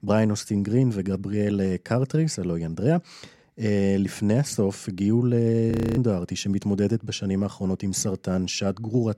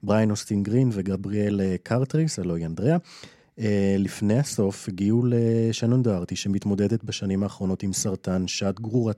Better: second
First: audio freezing; at 5.5 s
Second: none

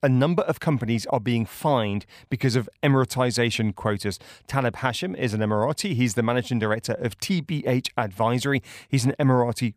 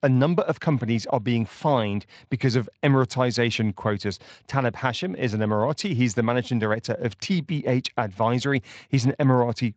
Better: first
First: none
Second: garbled, watery; slightly; nothing above 7.5 kHz

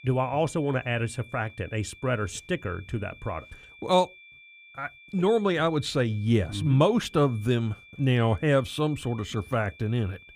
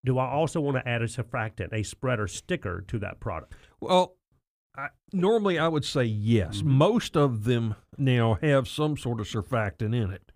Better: second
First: high-pitched whine; faint; throughout; 2.5 kHz, 20 dB below the speech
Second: none

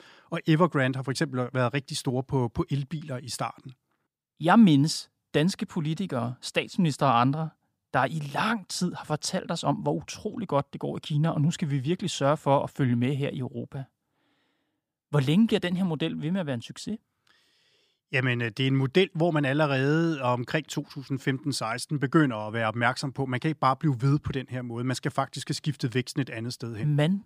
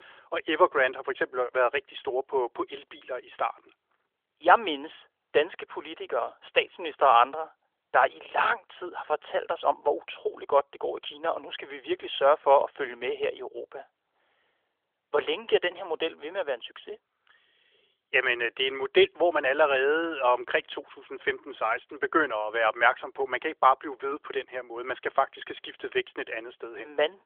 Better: first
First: none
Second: phone-call audio; nothing above 3.5 kHz

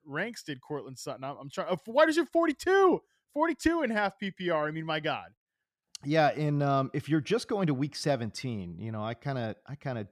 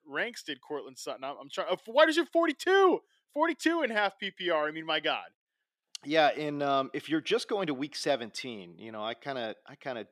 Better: first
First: none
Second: thin; somewhat; fading below 350 Hz

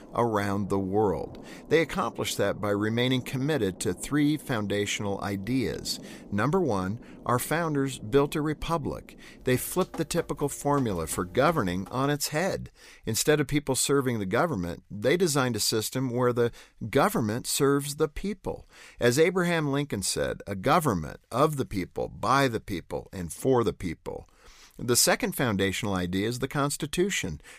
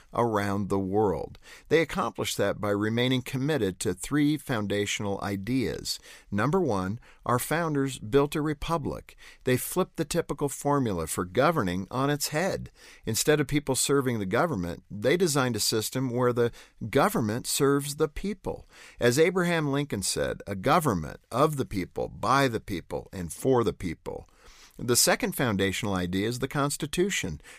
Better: second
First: rain or running water; faint; until 12 s; 20 dB below the speech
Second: none

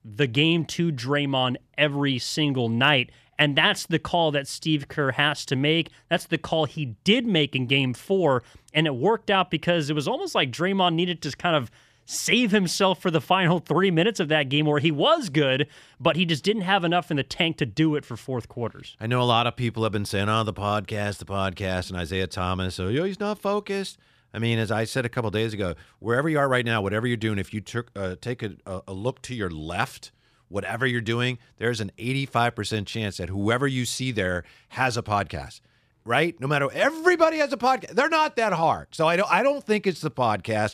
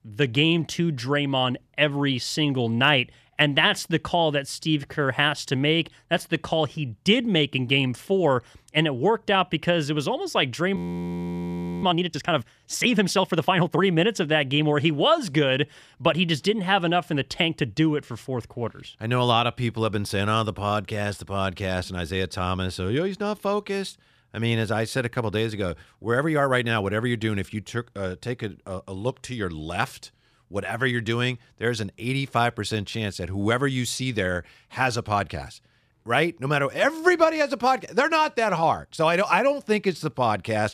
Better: first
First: none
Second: audio freezing; at 11 s for 1 s

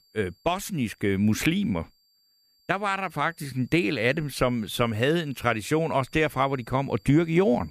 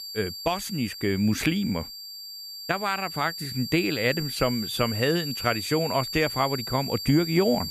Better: first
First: high-pitched whine; faint; throughout; 4.5 kHz, 35 dB below the speech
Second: high-pitched whine; loud; throughout; 4.5 kHz, 7 dB below the speech

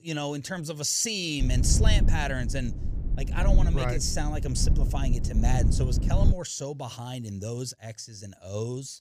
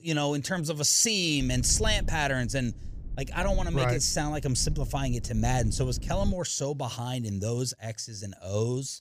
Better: second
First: low rumble; loud; from 1.5 to 6.5 s; 9 dB below the speech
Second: low rumble; faint; from 1.5 to 6.5 s; 20 dB below the speech

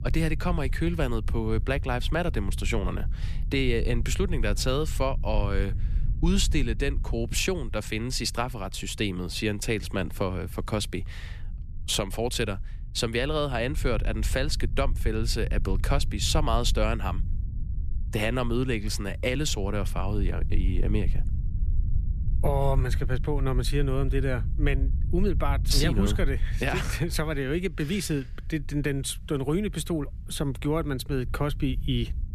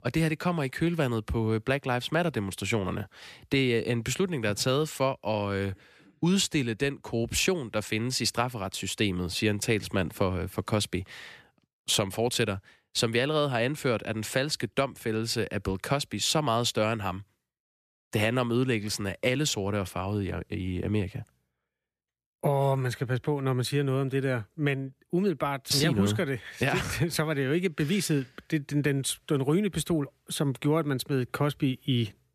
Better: second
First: low rumble; noticeable; throughout; 20 dB below the speech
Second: none

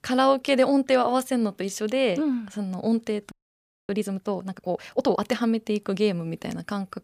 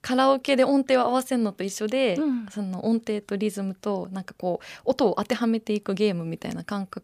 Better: second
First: audio freezing; at 3.5 s for 0.5 s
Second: none

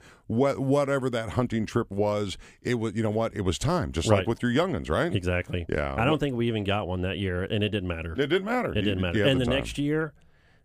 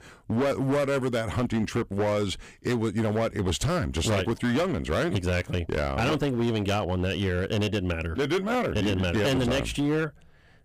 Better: first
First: none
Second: distortion; heavy; 17% of the sound clipped

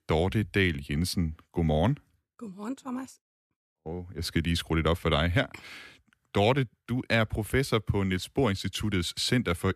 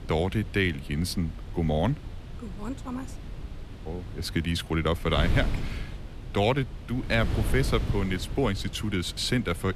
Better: first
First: none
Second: wind noise on the microphone; occasional gusts; 15 dB below the speech

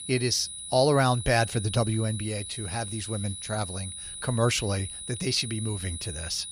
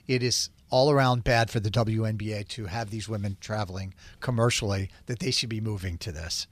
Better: second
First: high-pitched whine; loud; throughout; 10 kHz, 8 dB below the speech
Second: none

